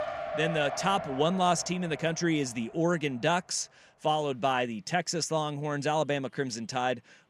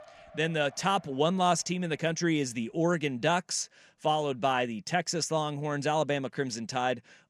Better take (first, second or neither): second